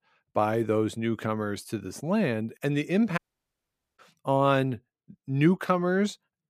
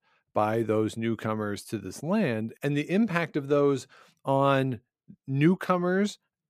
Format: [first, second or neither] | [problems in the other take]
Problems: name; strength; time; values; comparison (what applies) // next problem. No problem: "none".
second | audio cutting out; at 3 s for 1 s